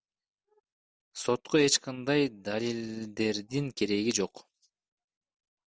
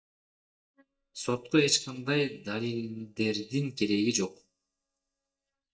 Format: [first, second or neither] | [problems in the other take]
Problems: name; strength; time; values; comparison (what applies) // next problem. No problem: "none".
first | noise reduction (neural mask model DeepFilterNet 3)